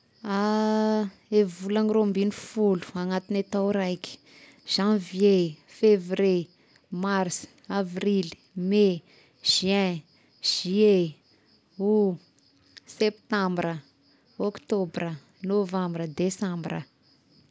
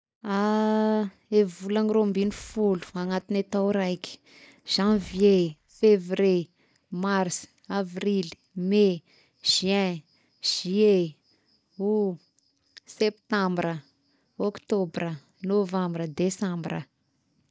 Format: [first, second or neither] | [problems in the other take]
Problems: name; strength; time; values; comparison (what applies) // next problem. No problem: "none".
first | noise reduction (neural mask model DeepFilterNet 3)